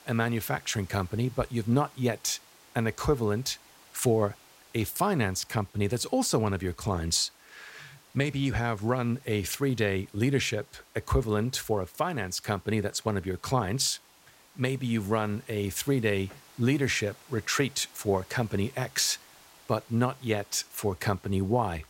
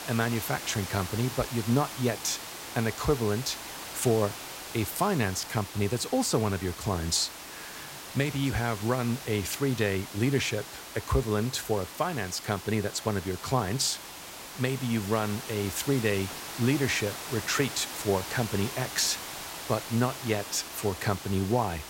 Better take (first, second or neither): first